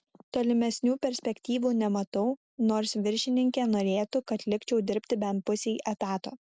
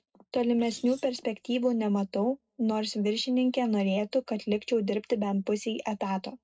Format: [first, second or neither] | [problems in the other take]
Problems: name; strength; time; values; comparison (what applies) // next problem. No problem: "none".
first | noise reduction (neural separator model SepFormer DNS4)